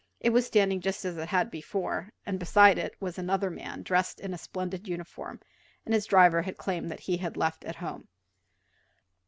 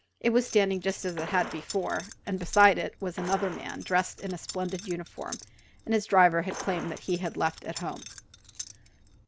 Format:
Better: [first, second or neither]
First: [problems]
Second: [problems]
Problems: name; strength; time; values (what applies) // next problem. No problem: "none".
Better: first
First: none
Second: background sound (Gunshot, gunfire + Keys jangling); 14 dB below the speech